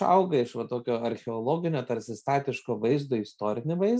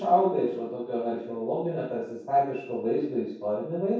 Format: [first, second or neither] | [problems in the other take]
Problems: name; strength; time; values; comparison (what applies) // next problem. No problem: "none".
first | room echo; dies away in 0.7 s